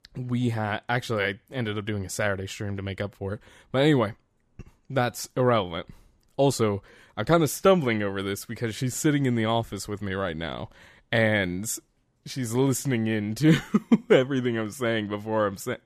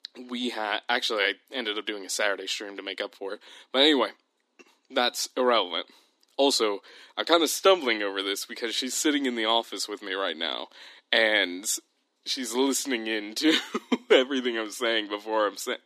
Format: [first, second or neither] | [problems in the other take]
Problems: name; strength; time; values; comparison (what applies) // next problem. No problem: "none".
first | thin; somewhat; fading below 250 Hz